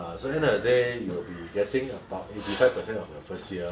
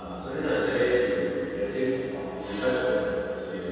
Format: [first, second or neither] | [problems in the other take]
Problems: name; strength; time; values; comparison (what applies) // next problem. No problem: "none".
first | room echo; dies away in 2.1 s